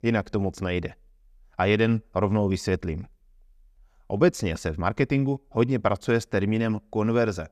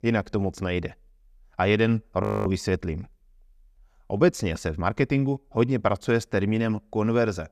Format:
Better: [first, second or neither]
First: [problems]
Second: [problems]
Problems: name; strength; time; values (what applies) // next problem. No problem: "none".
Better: first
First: none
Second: audio freezing; at 2 s